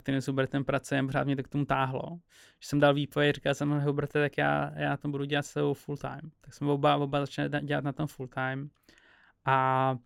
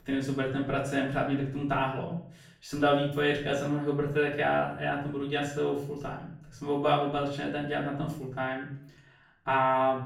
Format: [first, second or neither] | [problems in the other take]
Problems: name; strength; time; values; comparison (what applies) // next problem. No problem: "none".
first | off-mic speech; far // room echo; noticeable; dies away in 0.5 s